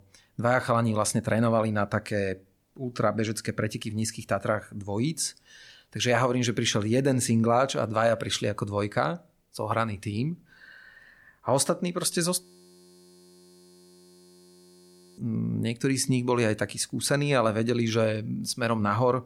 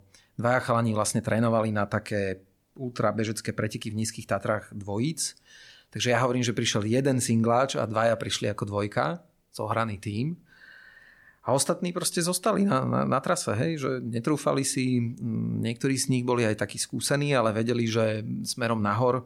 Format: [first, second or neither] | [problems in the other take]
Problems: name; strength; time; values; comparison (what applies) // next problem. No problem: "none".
second | audio freezing; at 12 s for 3 s